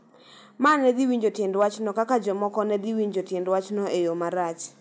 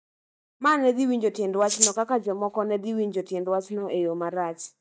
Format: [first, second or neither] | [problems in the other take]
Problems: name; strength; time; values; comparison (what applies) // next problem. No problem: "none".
first | noise reduction (neural mask model DeepFilterNet 3)